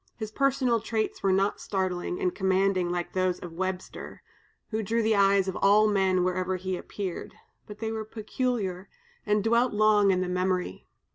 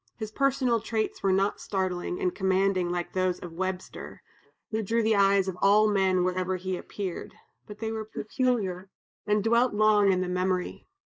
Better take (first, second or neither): first